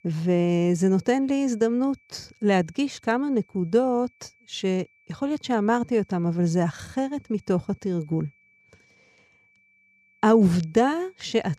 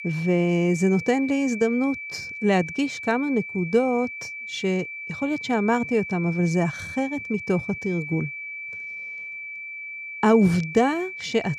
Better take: first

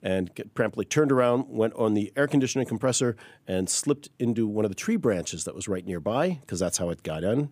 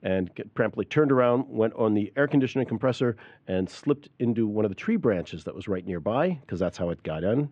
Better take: first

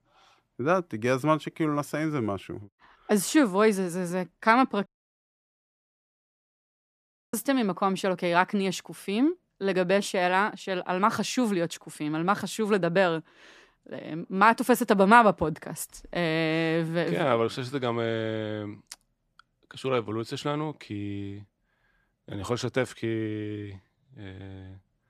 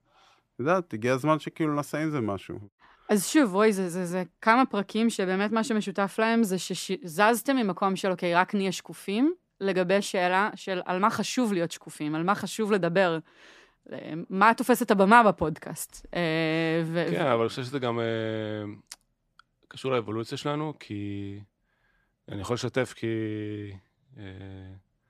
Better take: second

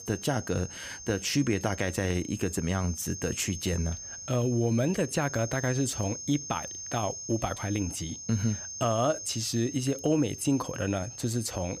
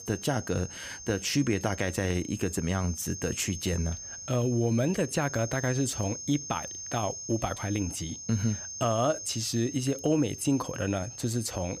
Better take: neither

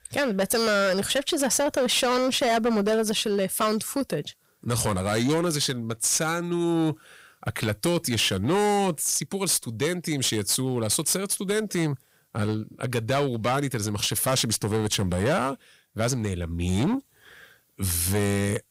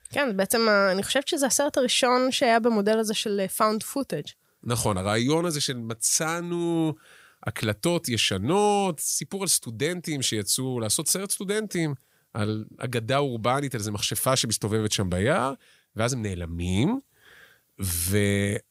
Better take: second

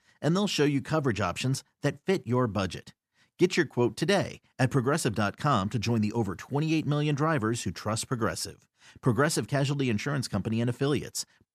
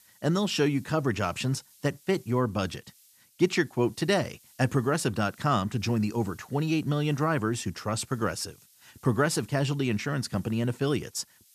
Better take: first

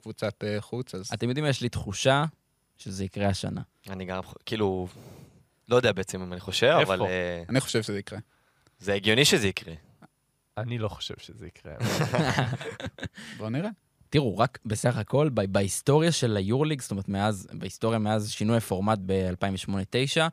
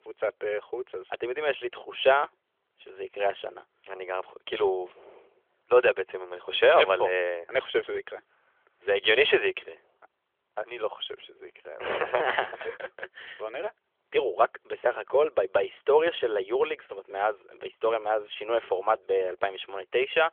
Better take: first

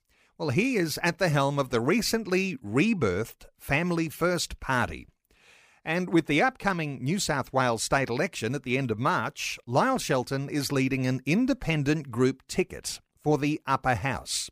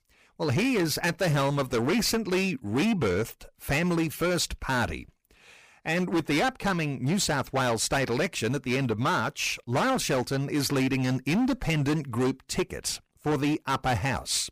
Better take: first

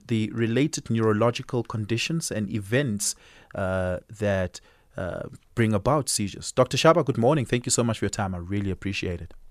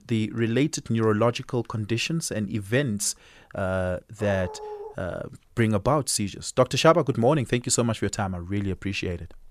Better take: first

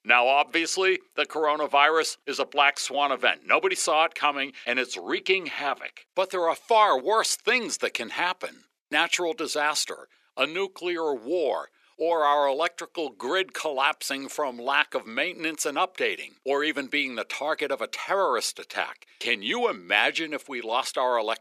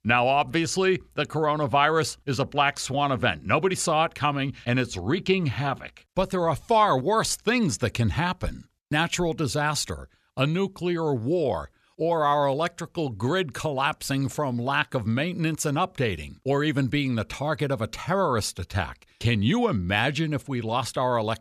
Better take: second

